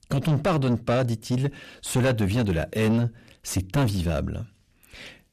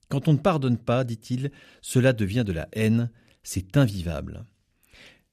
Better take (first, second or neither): second